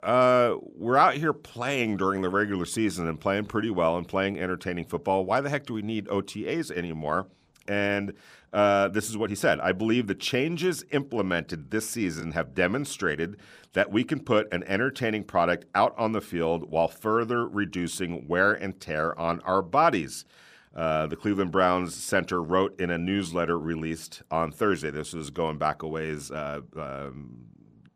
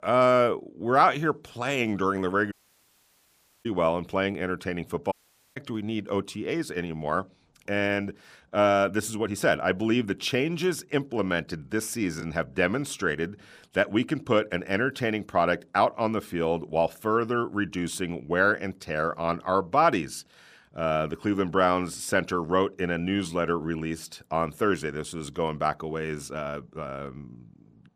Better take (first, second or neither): first